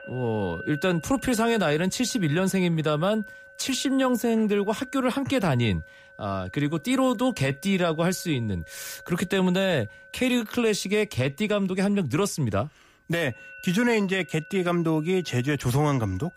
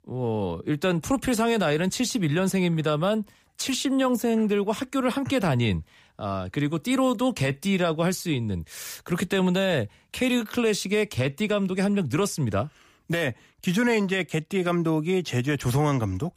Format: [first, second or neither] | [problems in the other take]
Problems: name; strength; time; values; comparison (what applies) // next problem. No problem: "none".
second | background music; noticeable; throughout; 20 dB below the speech